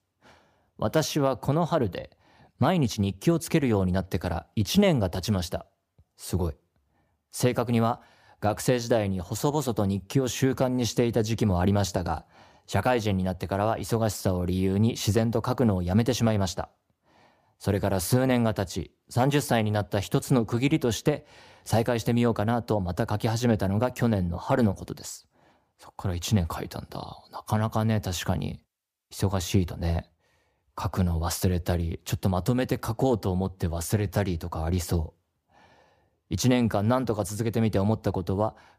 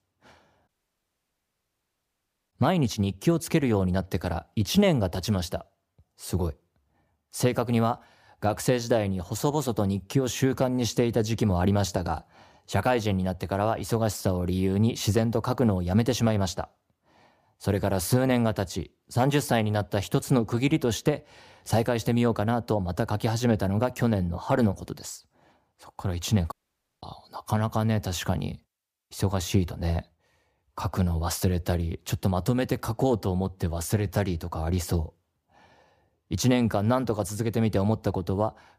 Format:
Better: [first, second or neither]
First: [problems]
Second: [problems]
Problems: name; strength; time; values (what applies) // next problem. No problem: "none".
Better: first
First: none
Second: audio cutting out; at 0.5 s for 2 s and at 27 s for 0.5 s